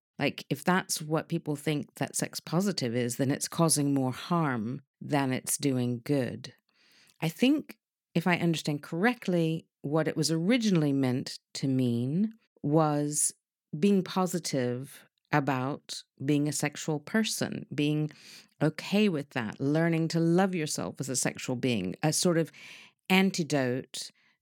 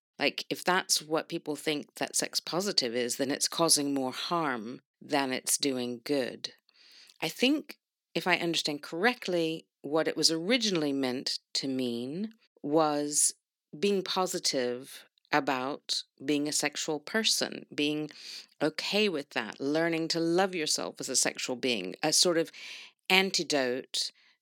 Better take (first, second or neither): first